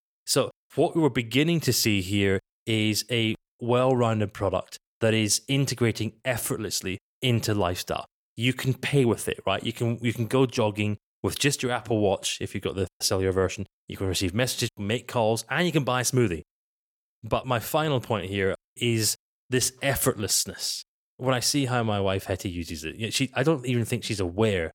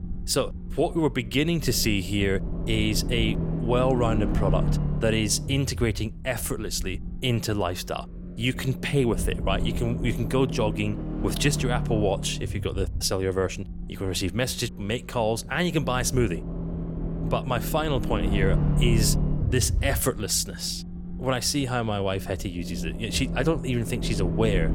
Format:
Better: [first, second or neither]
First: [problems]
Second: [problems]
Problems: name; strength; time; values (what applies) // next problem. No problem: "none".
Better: first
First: none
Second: low rumble; noticeable; throughout; 10 dB below the speech